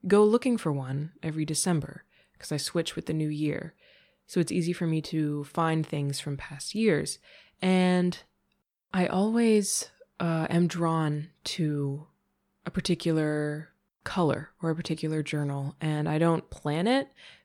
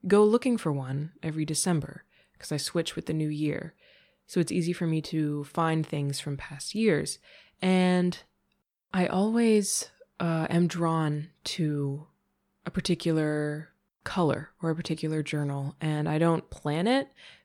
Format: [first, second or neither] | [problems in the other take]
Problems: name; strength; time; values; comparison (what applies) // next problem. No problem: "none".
neither | none